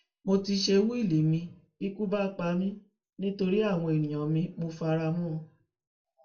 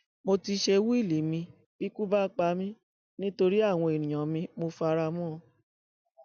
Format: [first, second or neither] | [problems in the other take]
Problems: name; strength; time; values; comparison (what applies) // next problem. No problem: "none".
second | room echo; dies away in 0.3 s